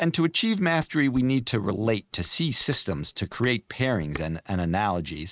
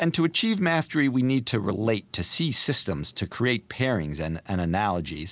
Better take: second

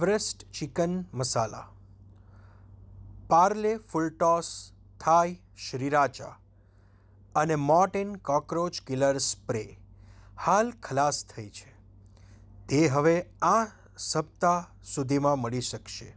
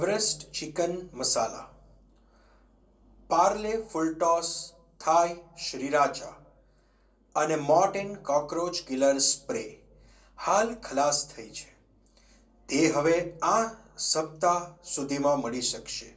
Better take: first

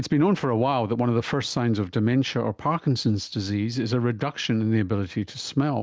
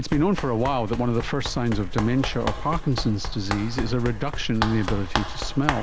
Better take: first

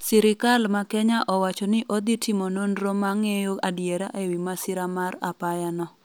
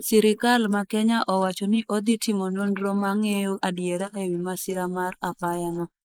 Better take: first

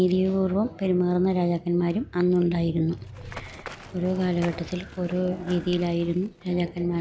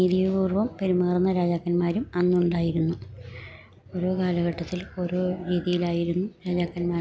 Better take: second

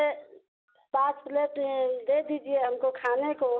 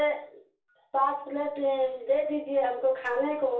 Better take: first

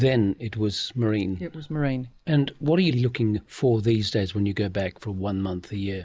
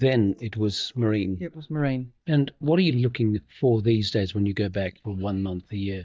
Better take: first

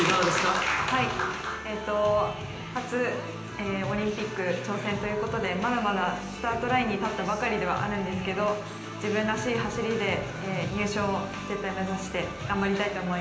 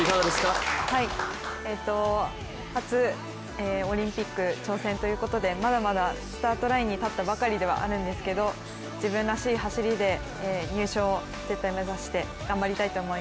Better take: second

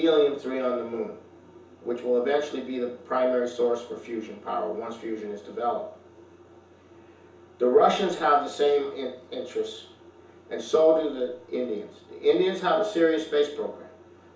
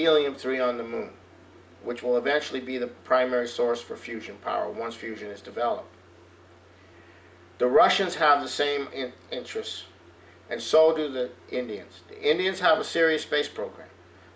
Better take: second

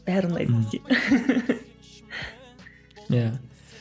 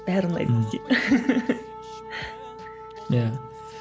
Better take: first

